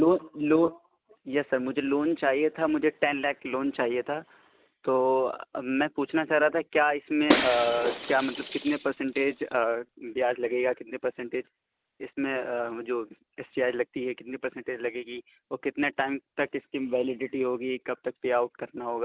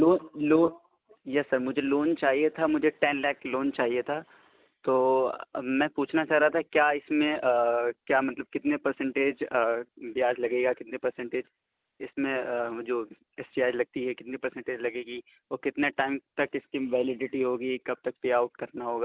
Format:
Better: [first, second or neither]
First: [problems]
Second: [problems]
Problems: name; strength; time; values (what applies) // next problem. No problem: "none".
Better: second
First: background sound (Shatter); 3 dB below the speech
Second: none